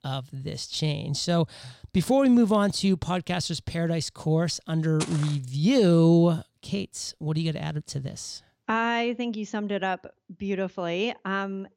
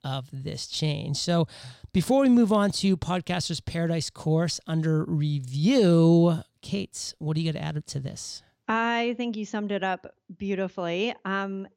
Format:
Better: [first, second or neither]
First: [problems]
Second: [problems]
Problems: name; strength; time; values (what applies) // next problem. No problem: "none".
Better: second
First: footsteps; noticeable; at 5 s; peak 9 dB below the speech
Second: none